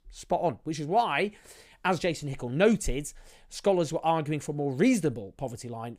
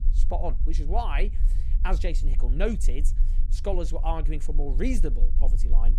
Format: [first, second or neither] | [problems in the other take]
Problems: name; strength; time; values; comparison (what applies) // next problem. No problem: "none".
first | low rumble; noticeable; throughout; 15 dB below the speech